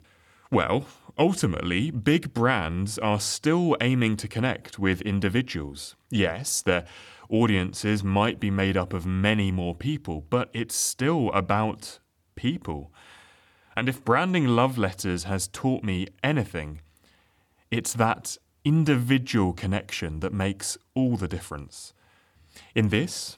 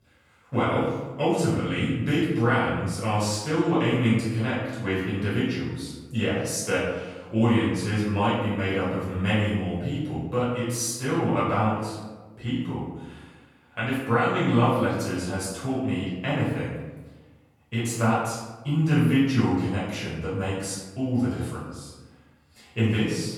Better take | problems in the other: first | room echo; noticeable; dies away in 1 s // off-mic speech; far

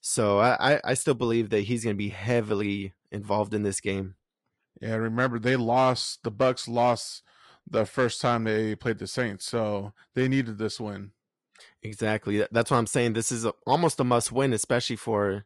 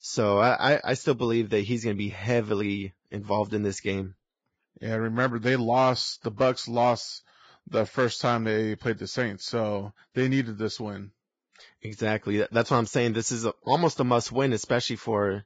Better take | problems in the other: first | garbled, watery; badly; nothing above 7.5 kHz; slightly in the first

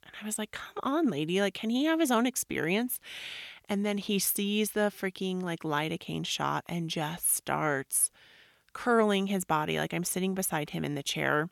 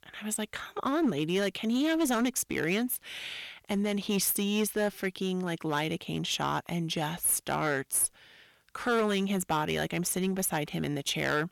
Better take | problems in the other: first | distortion; slight; 5% of the sound clipped

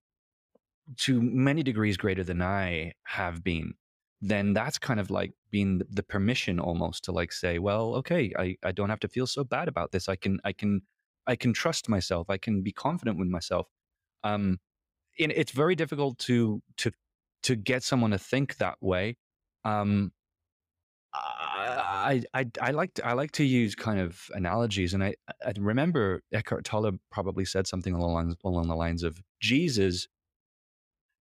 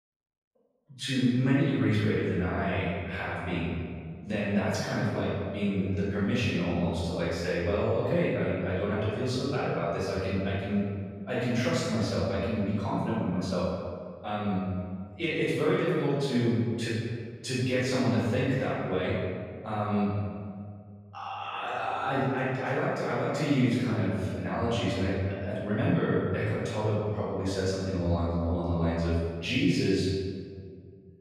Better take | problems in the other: first | room echo; strong; dies away in 1.8 s // off-mic speech; far

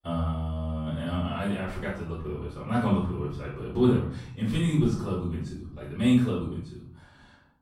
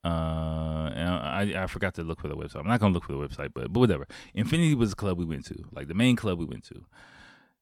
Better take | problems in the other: second | off-mic speech; far // room echo; noticeable; dies away in 0.6 s

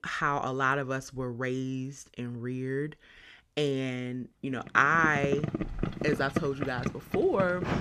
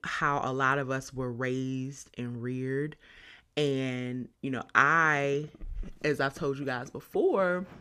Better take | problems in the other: second | household noises; loud; from 5 s on; 5 dB below the speech; faint in the second

